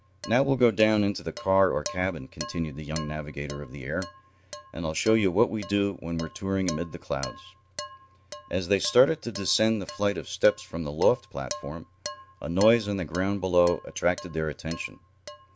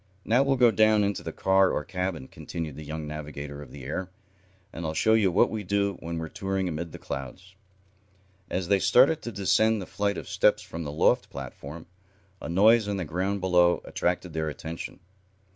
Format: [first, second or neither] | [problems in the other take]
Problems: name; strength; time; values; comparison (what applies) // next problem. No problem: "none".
second | background sound (Dishes, pots, and pans); 16 dB below the speech